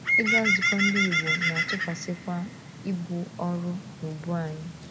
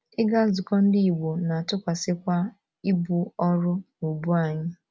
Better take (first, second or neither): second